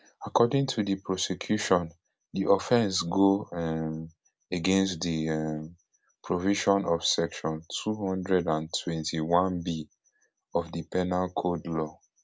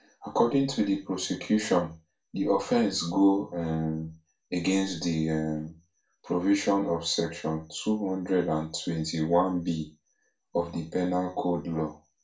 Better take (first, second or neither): first